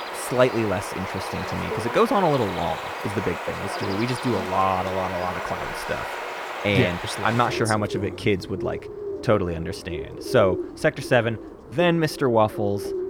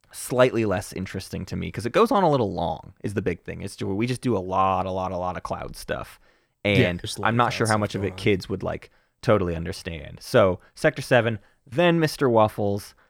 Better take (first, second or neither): second